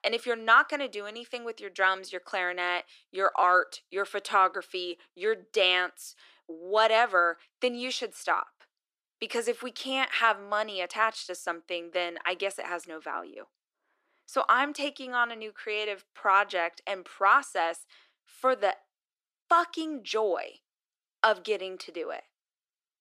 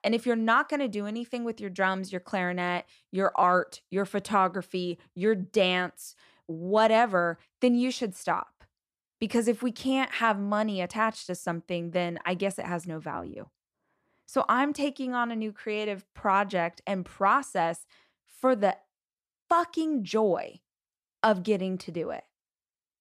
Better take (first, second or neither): second